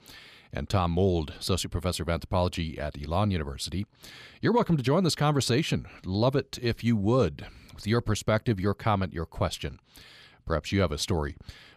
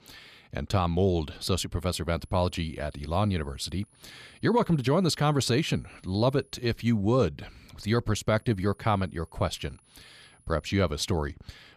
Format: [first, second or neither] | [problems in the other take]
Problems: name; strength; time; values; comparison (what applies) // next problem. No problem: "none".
first | high-pitched whine; faint; from 2 to 6.5 s and from 8.5 to 11 s; 10.5 kHz, 35 dB below the speech